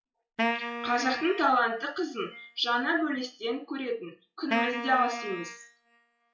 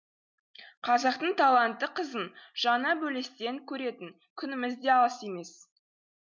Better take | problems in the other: second | noise reduction (classical method WPE with log-MMSE)

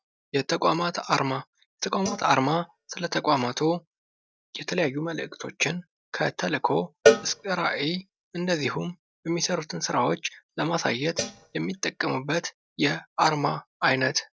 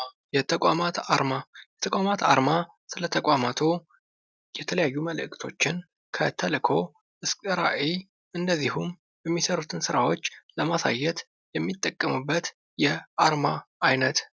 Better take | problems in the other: second | noise reduction (neural mask model DeepFilterNet 3)

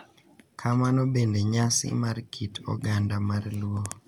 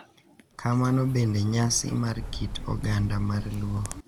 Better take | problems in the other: first | background sound (Bird); 10 dB below the speech

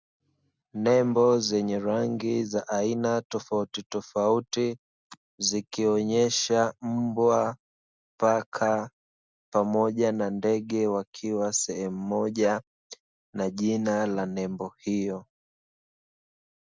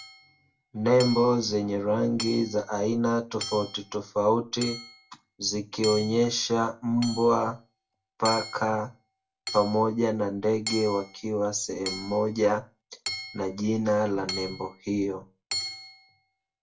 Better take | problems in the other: first | background sound (Hammer / Chink, clink); 13 dB below the speech // room echo; dies away in 0.2 s

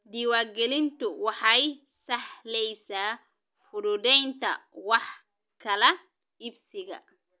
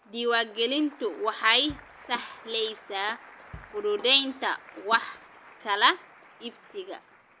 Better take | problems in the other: first | background sound (Drum / Drum kit + Applause); 20 dB below the speech

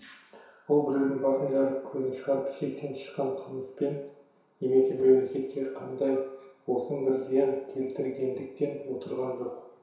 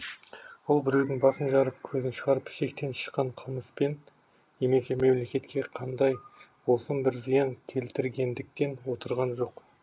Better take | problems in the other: second | room echo; dies away in 0.7 s

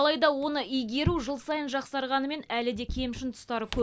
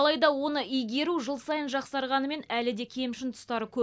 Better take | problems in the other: second | background sound (Drawer open or close); 11 dB below the speech

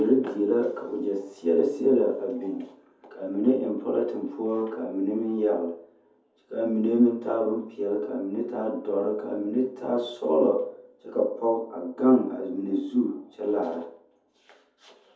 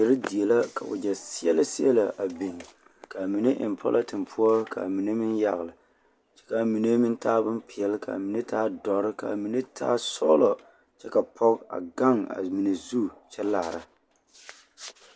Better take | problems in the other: second | room echo; dies away in 0.5 s

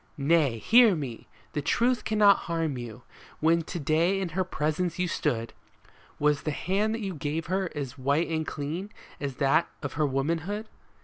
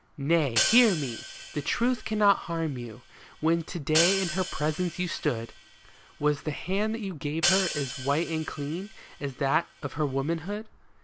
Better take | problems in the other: first | background sound (Hi-hat); 7 dB below the speech

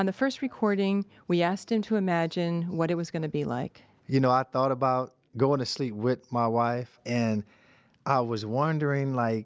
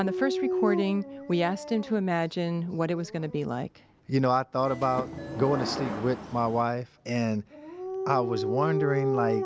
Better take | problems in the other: first | background sound (Subway, metro, underground / Sliding door + Dog); 5 dB below the speech

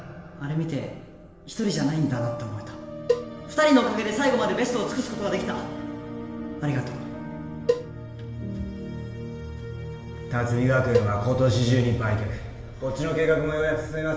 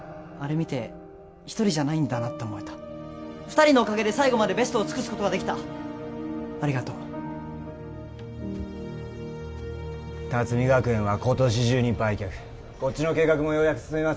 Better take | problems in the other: second | background sound (Cowbell); 6 dB below the speech // room echo; dies away in 1.3 s

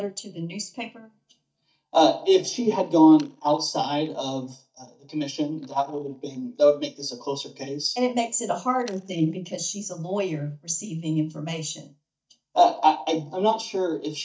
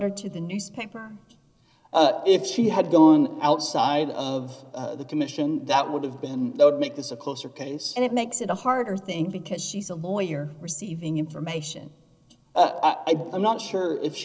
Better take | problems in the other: second | noise reduction (neural mask model DeepFilterNet 3)

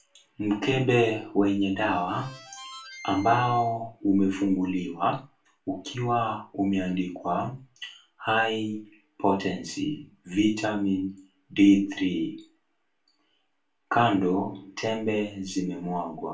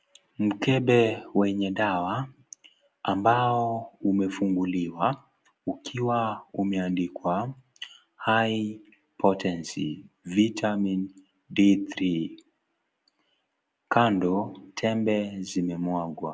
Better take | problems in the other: second | background sound (Harmonica); 19 dB below the speech // room echo; dies away in 0.2 s

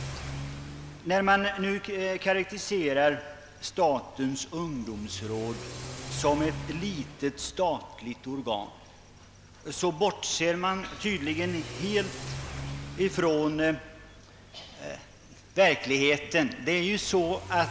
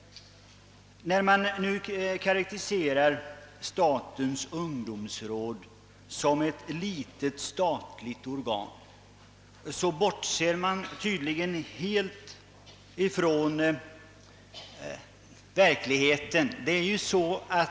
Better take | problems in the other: second | background sound (Accelerating, revving, vroom / Car); 13 dB below the speech

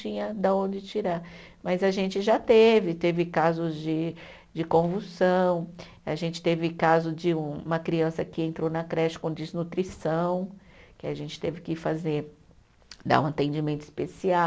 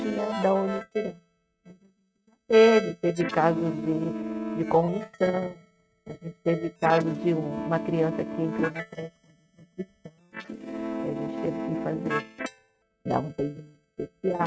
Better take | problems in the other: first | noise reduction (neural mask model RNNoise)

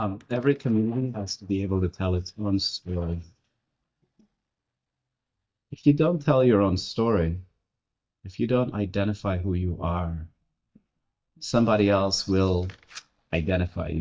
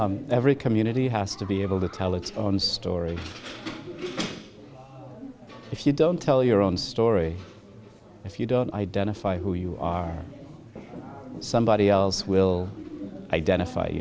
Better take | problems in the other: second | noise reduction (neural mask model DeepFilterNet 3)

